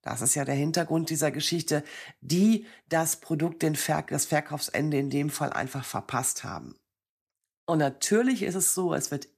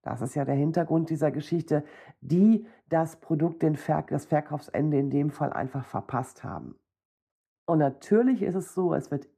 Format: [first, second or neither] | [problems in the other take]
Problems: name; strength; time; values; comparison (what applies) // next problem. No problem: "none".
first | muffled; very; fading above 2 kHz